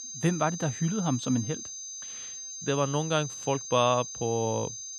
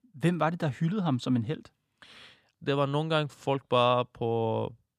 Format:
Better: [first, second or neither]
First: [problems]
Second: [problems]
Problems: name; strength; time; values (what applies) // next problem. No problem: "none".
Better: second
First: high-pitched whine; loud; throughout; 6 kHz, 8 dB below the speech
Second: none